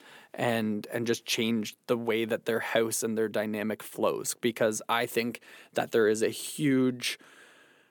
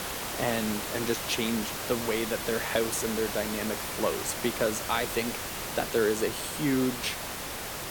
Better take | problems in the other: first | hiss; loud; throughout; 3 dB below the speech

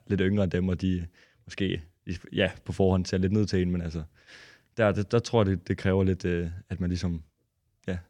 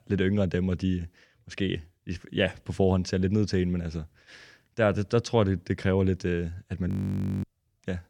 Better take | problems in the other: first | audio freezing; at 7 s for 0.5 s

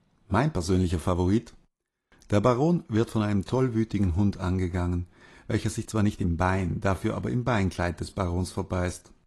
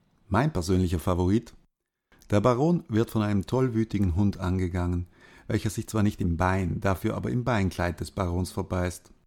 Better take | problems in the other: second | garbled, watery; slightly; nothing above 11.5 kHz

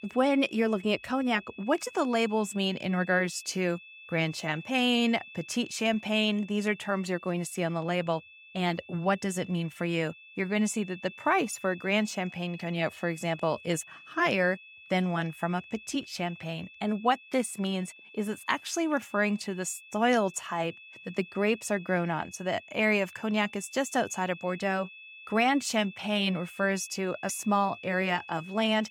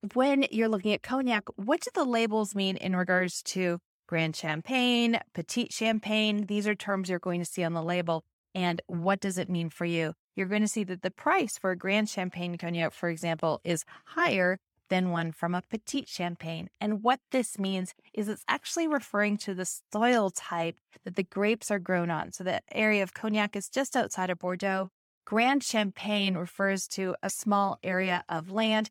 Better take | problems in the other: second | high-pitched whine; noticeable; throughout; 2.5 kHz, 20 dB below the speech

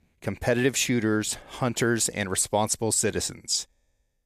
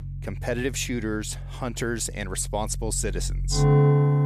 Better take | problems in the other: first | background music; very loud; throughout; 4 dB above the speech

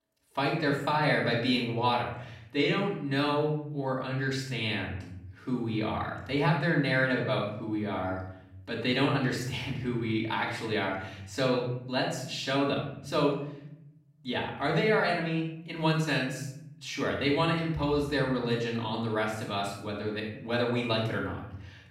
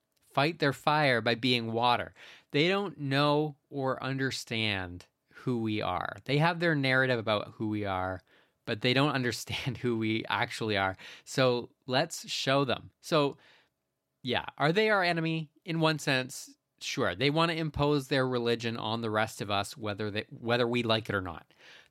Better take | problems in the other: second | off-mic speech; far // room echo; noticeable; dies away in 0.9 s

